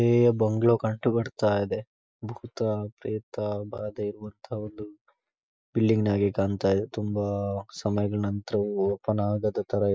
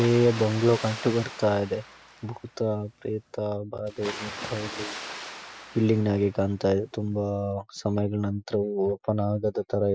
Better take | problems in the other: first | background sound (Water); 15 dB below the speech

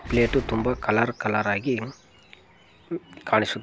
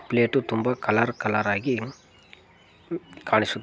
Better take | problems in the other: second | background sound (Boom); 13 dB below the speech

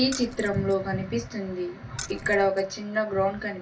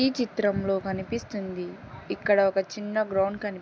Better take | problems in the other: second | background sound (Keys jangling); 14 dB below the speech // room echo; dies away in 0.2 s

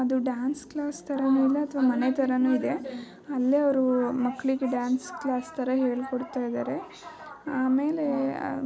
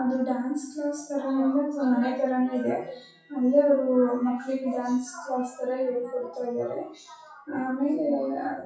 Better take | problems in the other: first | noise reduction (classical method WPE with log-MMSE)

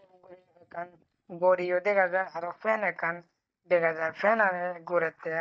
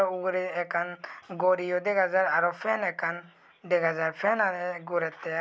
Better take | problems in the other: second | noise reduction (neural mask model DeepFilterNet 3)

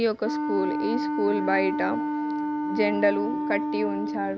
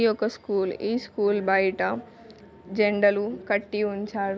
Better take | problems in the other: second | background sound (Wind instrument, woodwind instrument); as loud as the speech

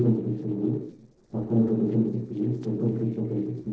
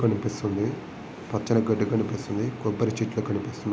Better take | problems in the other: second | noise reduction (neural separator model SepFormer DNS4)

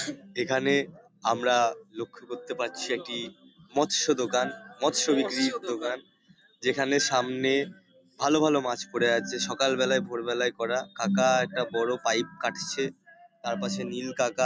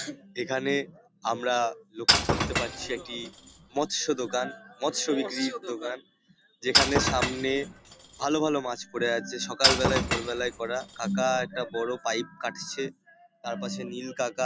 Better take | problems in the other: first | background sound (Shatter / Crushing); 1 dB above the speech

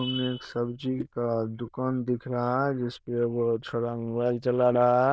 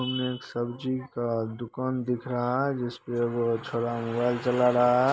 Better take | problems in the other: second | noise reduction (neural diffusion model UNIVERSE++)

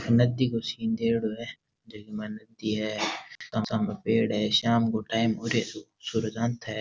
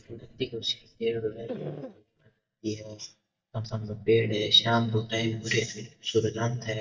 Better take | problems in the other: first | noise reduction (neural mask model DeepFilterNet 3)

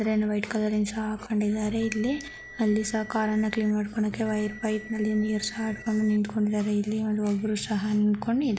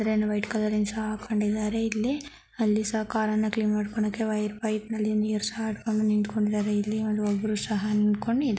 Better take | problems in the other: second | background sound (Bell); 17 dB below the speech

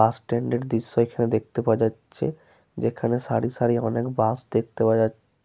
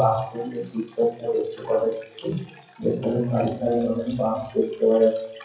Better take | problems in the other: first | noise reduction (classical method WPE with log-MMSE)

